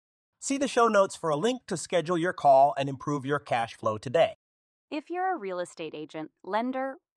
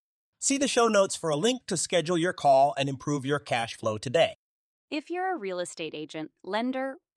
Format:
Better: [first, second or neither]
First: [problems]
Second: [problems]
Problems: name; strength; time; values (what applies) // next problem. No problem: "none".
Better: second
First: muffled; slightly; fading above 2 kHz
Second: none